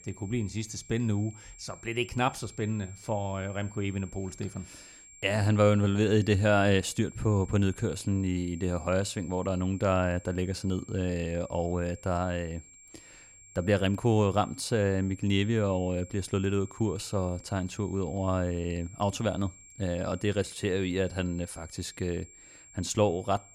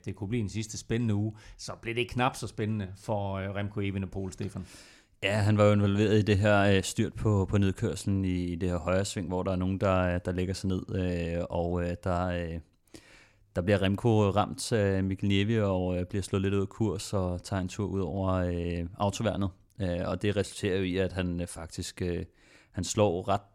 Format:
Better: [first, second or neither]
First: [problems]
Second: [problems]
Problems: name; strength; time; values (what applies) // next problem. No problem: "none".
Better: second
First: high-pitched whine; faint; throughout; 7.5 kHz, 20 dB below the speech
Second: none